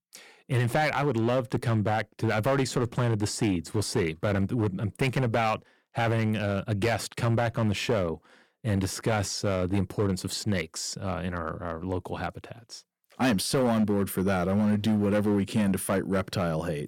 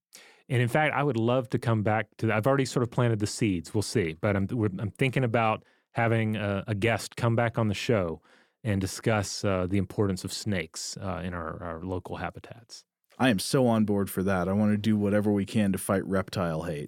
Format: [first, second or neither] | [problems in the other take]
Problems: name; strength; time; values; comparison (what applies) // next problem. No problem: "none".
second | distortion; slight; 7% of the sound clipped